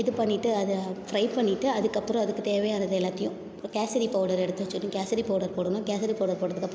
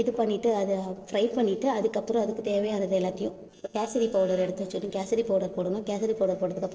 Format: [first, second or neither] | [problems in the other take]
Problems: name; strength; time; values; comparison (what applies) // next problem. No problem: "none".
first | noise reduction (neural separator model SepFormer DNS4)